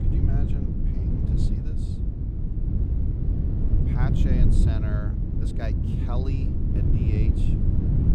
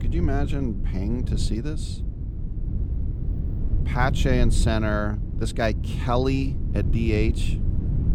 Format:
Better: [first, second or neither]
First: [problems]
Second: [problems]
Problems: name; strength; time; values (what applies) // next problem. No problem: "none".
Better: second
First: wind noise on the microphone; heavy; 4 dB above the speech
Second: wind noise on the microphone; occasional gusts; 10 dB below the speech